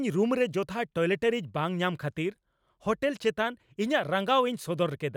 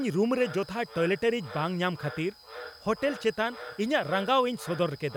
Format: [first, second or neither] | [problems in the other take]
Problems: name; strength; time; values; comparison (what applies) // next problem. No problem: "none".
first | background sound (Frog); 16 dB below the speech